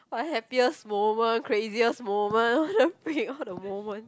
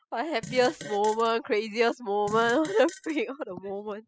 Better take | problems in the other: first | noise reduction (classical method spectral subtraction)

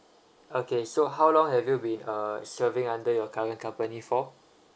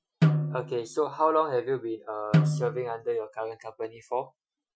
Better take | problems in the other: first | noise reduction (classical method Wiener filter)

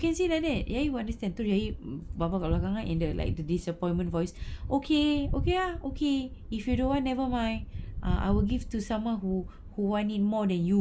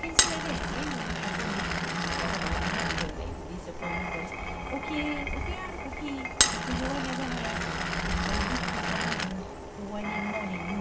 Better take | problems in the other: first | background sound (Glass); 5 dB above the speech // room echo; dies away in 0.2 s

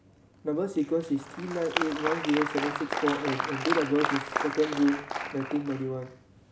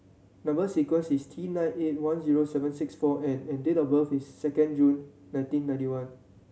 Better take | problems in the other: second | background sound (Applause); 5 dB below the speech

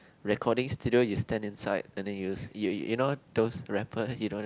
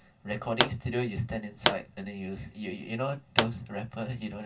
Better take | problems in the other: first | background sound (Explosion); 2 dB above the speech // room echo; dies away in 0.1 s

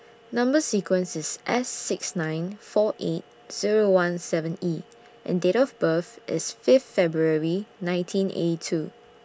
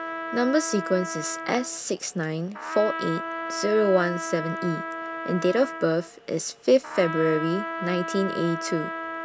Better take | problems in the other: first | background sound (Trumpet); 7 dB below the speech

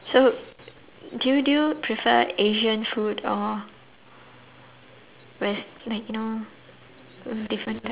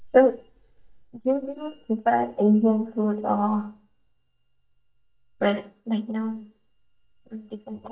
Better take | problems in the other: first | noise reduction (neural mask model DeepFilterNet 3)

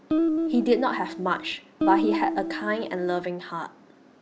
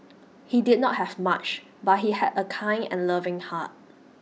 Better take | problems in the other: second | background sound (Guitar); as loud as the speech

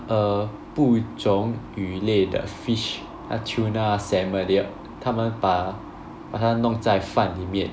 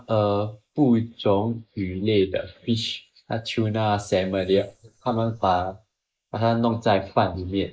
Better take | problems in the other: first | noise reduction (neural mask model Resemble Enhance denoiser)

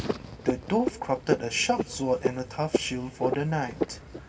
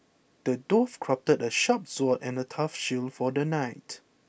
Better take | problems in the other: second | background sound (Frog); 3 dB below the speech // room echo; dies away in 2.1 s

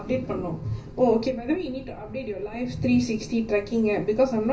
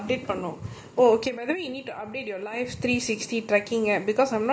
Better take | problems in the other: second | background sound (Boat, Water vehicle); 19 dB below the speech // room echo; dies away in 0.4 s

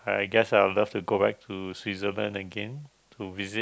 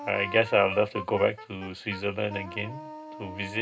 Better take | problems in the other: first | background sound (Wind instrument, woodwind instrument); 14 dB below the speech // room echo; dies away in 0.2 s

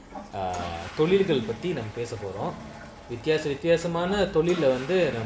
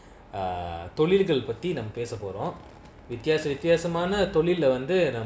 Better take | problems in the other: second | background sound (Toilet flush / Water); 15 dB below the speech

